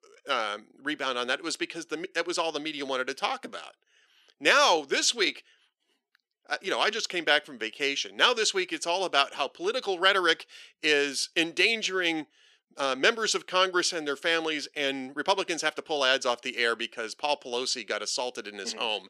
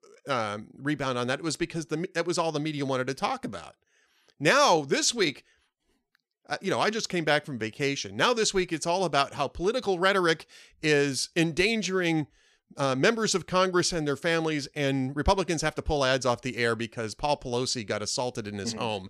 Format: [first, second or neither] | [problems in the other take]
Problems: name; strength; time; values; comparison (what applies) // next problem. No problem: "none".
second | thin; somewhat; fading below 300 Hz